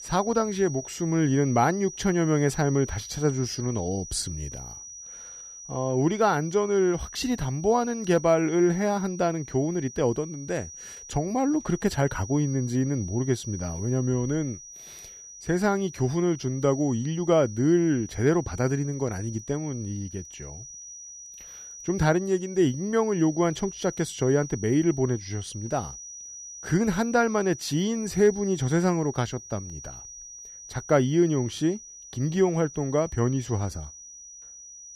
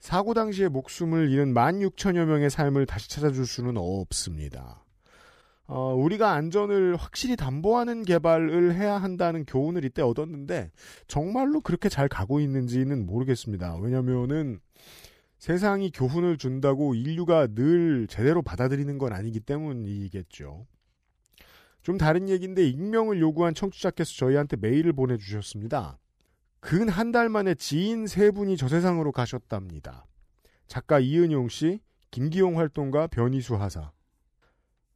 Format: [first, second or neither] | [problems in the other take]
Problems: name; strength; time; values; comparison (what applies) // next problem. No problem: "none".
second | high-pitched whine; noticeable; throughout; 6 kHz, 15 dB below the speech